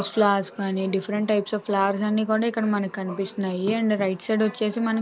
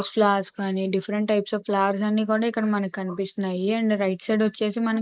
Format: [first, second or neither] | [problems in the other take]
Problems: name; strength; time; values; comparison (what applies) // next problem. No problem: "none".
first | noise reduction (neural mask model Resemble Enhance denoiser)